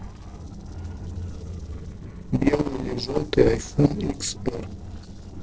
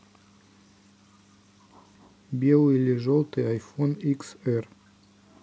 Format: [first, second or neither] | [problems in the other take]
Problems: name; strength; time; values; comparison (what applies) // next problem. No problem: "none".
second | noise reduction (neural separator model SepFormer DNS4)